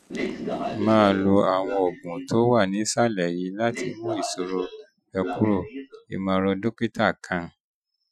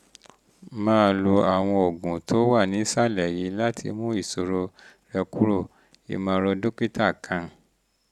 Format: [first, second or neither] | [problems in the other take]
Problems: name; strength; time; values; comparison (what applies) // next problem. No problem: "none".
second | noise reduction (classical method Wiener filter)